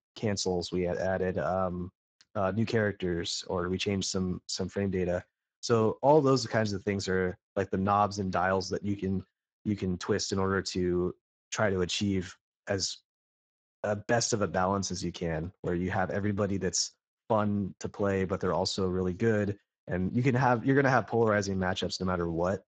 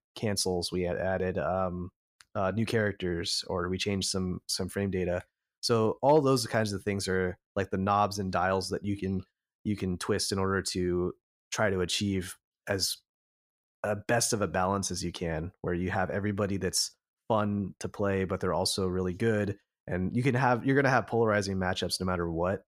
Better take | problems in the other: second | garbled, watery; badly; nothing above 7.5 kHz

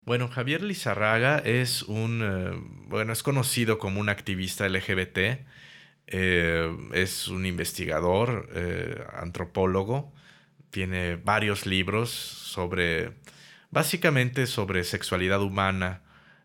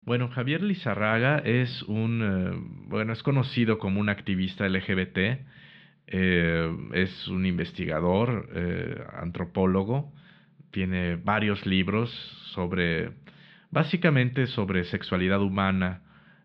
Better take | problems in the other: first | muffled; slightly; fading above 4 kHz

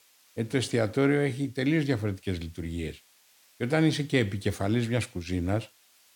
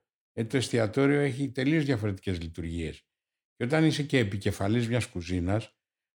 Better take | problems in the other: second | hiss; faint; throughout; 30 dB below the speech

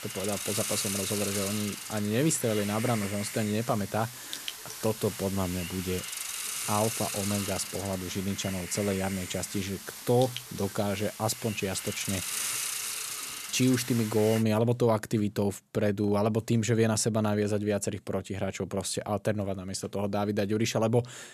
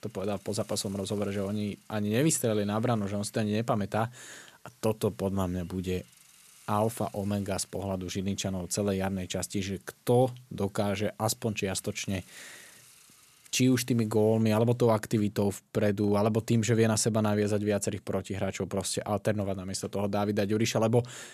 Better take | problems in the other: second | hiss; loud; until 14 s; 5 dB below the speech; faint in the second

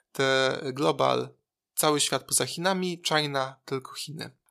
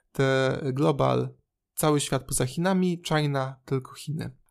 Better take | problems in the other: second | thin; somewhat; fading below 550 Hz

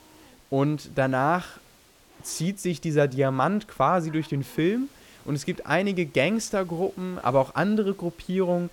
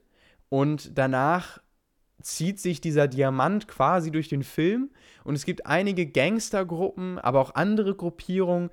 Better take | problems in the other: second | hiss; faint; throughout; 25 dB below the speech

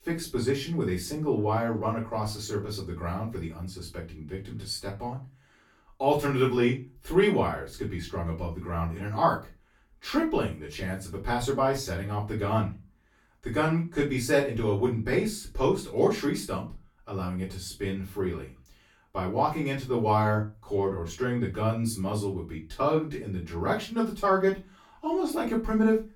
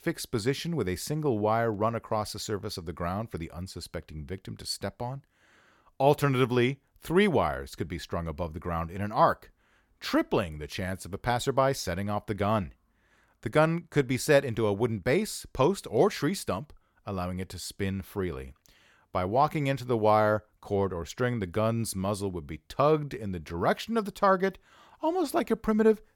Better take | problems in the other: second | off-mic speech; far // room echo; slight; dies away in 0.2 s

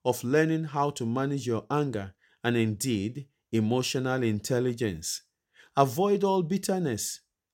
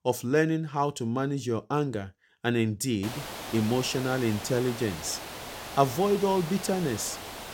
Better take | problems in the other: first | hiss; loud; from 3 s on; 10 dB below the speech

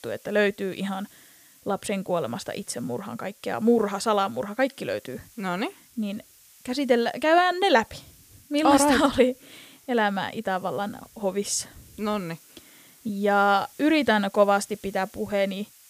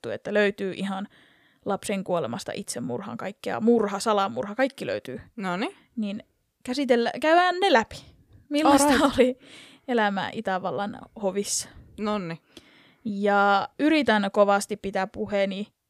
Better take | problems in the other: second | hiss; faint; throughout; 25 dB below the speech

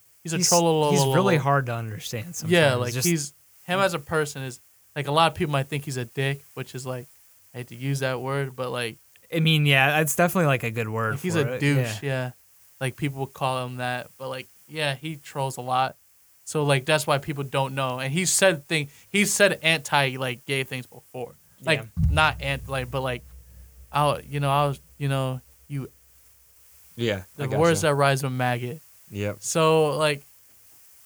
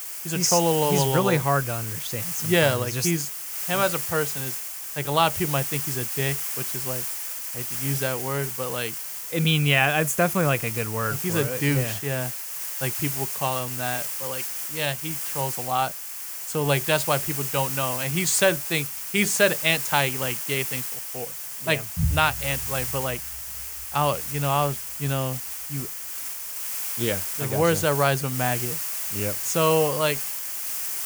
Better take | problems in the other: first | hiss; loud; throughout; 3 dB below the speech; faint in the first

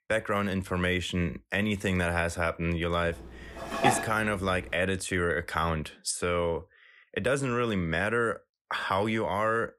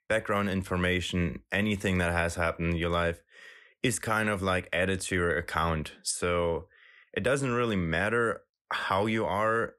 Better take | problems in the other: second | clattering dishes; loud; at 3.5 s; peak 2 dB above the speech

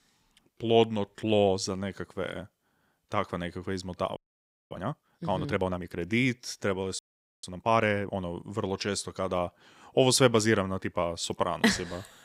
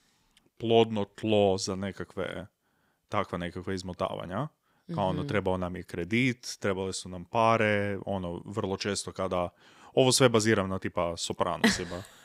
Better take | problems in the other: second | audio freezing; at 4 s for 0.5 s and at 7 s

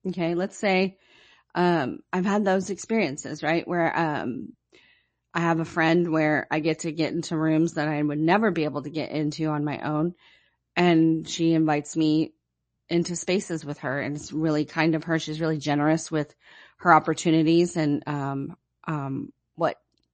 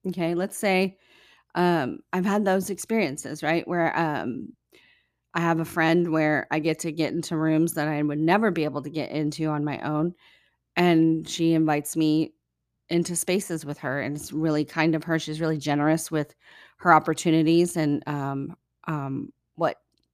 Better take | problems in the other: second | garbled, watery; slightly; nothing above 8 kHz

